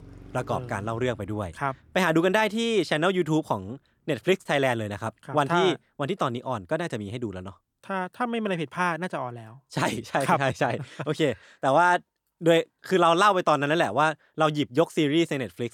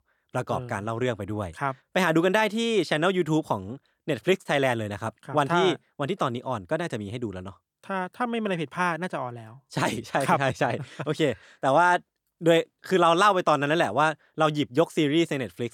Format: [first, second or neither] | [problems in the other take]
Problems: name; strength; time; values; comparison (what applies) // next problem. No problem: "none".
second | traffic noise; faint; throughout; 25 dB below the speech